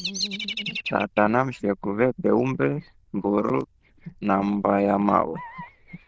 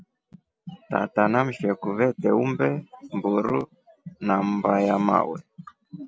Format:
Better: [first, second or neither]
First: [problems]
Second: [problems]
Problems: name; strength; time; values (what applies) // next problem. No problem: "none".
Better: second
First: noise reduction (neural diffusion model UNIVERSE++)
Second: none